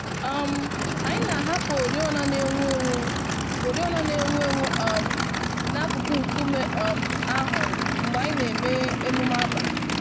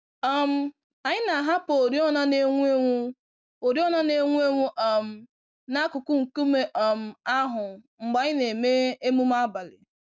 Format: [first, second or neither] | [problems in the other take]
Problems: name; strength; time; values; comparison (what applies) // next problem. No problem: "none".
second | background sound (Idling / Aircraft); 2 dB above the speech